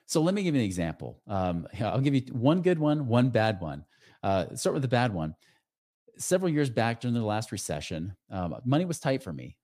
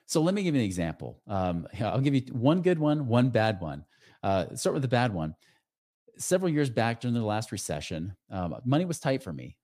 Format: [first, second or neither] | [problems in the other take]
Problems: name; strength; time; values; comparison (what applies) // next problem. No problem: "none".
neither | none